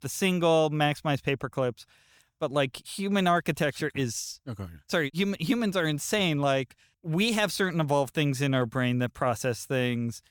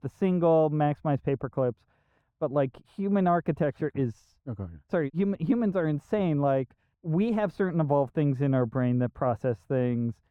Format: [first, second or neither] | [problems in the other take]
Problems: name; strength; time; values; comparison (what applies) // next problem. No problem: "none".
first | muffled; very; fading above 2.5 kHz